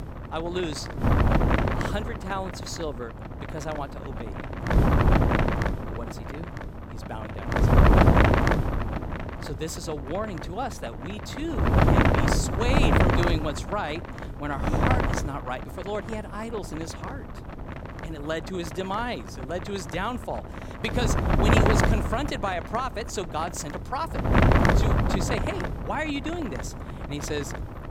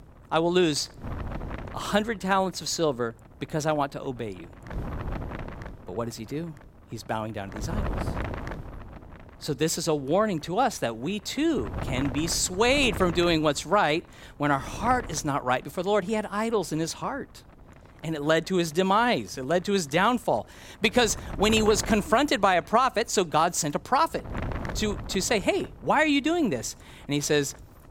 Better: second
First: wind noise on the microphone; heavy; 5 dB above the speech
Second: wind noise on the microphone; occasional gusts; 15 dB below the speech

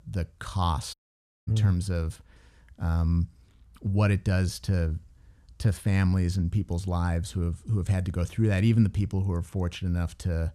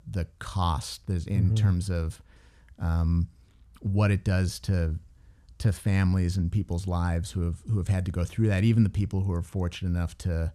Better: second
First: audio cutting out; at 1 s for 0.5 s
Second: none

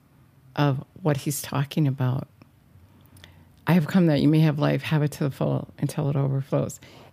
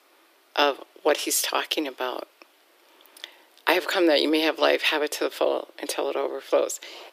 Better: first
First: none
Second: thin; very; fading below 350 Hz

